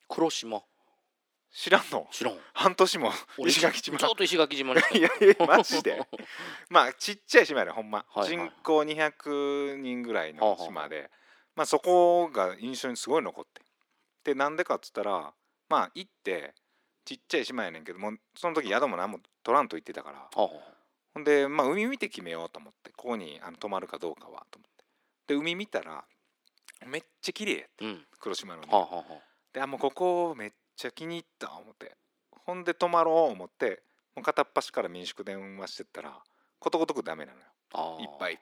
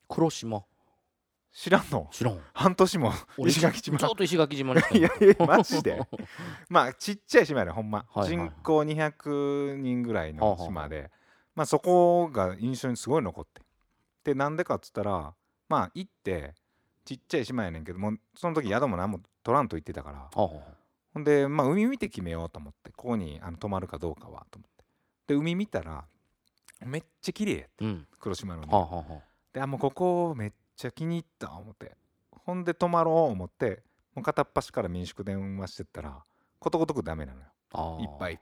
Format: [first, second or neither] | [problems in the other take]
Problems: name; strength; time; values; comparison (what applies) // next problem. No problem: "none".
second | thin; somewhat; fading below 300 Hz